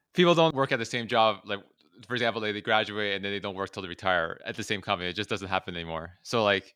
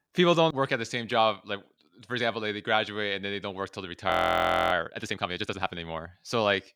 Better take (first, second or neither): first